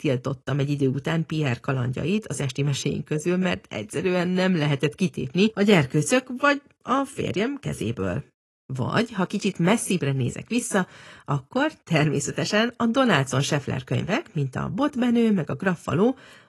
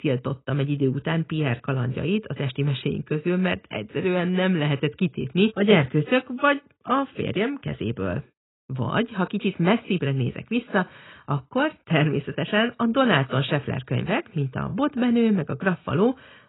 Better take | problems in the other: first | garbled, watery; badly; nothing above 4 kHz; slightly in the first

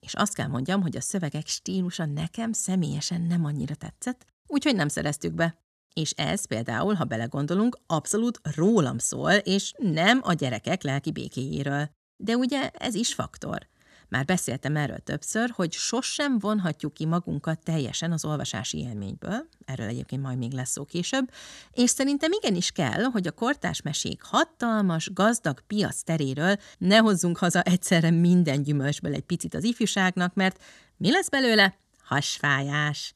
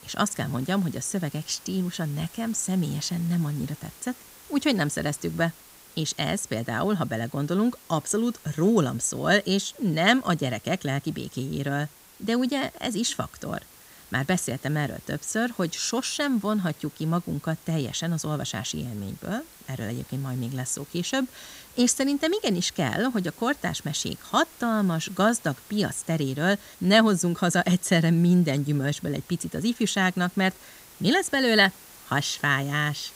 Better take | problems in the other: first | hiss; faint; throughout; 20 dB below the speech

